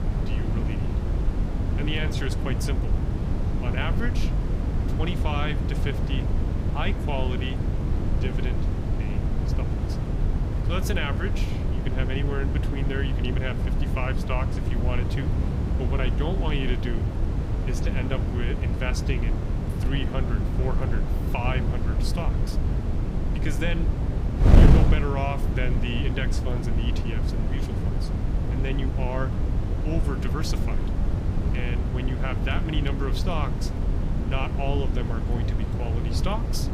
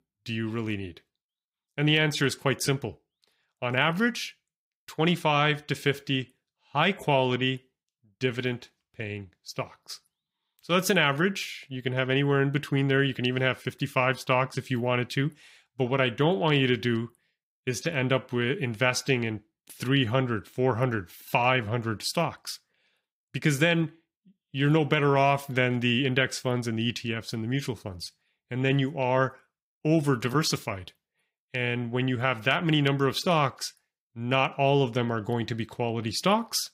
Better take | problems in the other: second | wind noise on the microphone; heavy; 3 dB below the speech

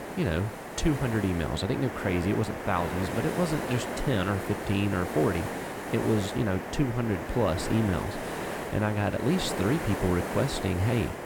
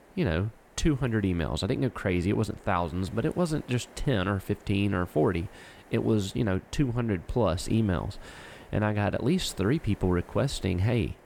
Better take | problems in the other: second | hiss; loud; throughout; 6 dB below the speech; faint in the second

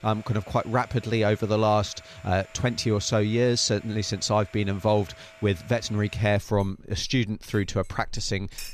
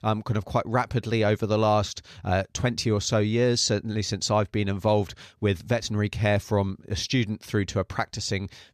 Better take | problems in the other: second | household noises; faint; throughout; 25 dB below the speech

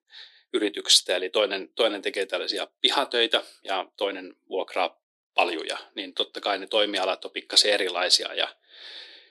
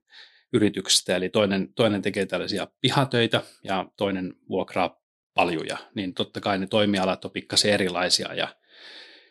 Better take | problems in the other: second | thin; somewhat; fading below 350 Hz

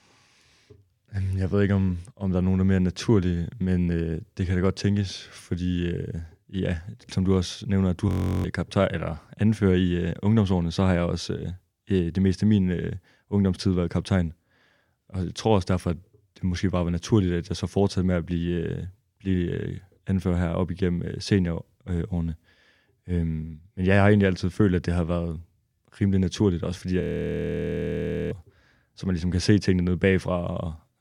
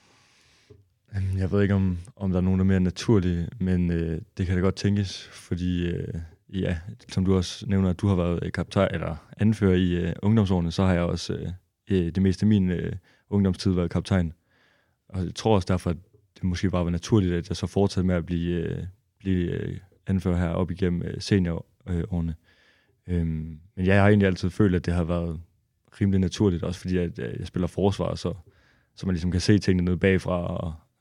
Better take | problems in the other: second | audio freezing; at 8 s and at 27 s for 1.5 s

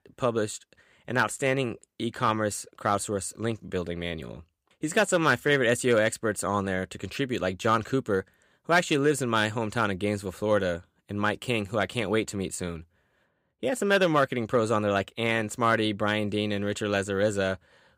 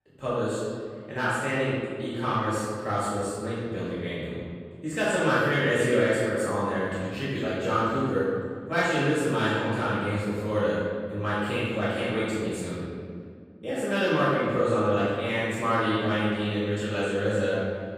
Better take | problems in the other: first | off-mic speech; far // room echo; strong; dies away in 1.9 s

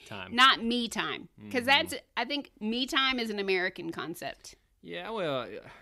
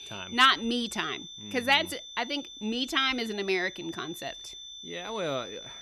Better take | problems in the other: first | high-pitched whine; noticeable; throughout; 3.5 kHz, 15 dB below the speech

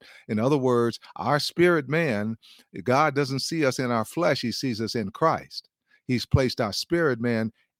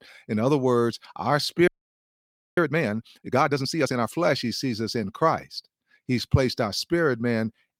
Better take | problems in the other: first | audio freezing; at 1.5 s for 1 s

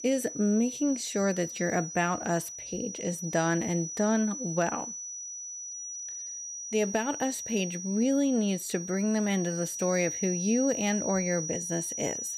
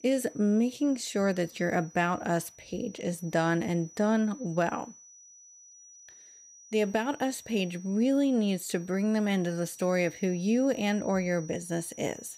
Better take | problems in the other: second | high-pitched whine; loud; throughout; 6 kHz, 6 dB below the speech; faint in the second

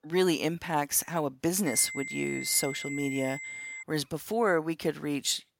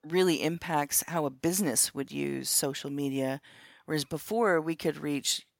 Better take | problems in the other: second | high-pitched whine; loud; from 1.5 to 4 s; 2 kHz, 8 dB below the speech

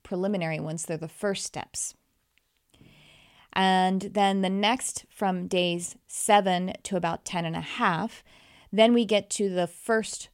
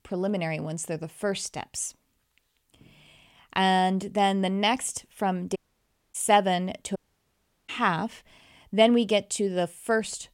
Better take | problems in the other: first | audio cutting out; at 5.5 s for 0.5 s and at 7 s for 0.5 s

